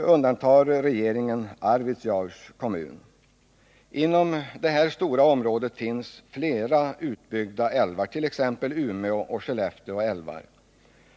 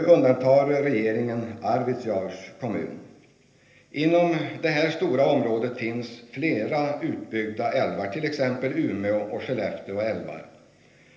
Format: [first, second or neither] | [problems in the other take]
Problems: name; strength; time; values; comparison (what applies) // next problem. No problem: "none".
first | room echo; dies away in 0.8 s